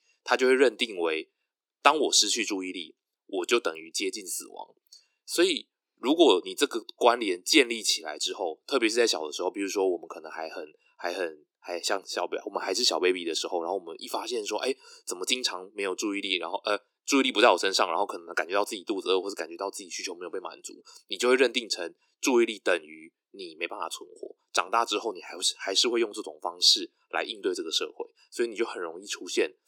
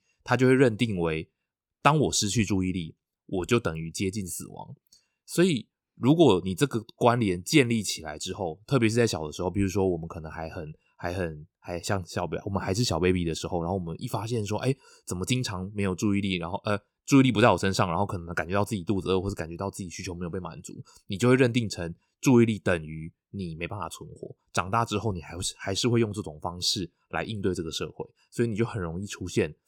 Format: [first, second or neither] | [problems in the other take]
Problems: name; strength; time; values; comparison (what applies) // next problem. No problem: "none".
second | thin; somewhat; fading below 300 Hz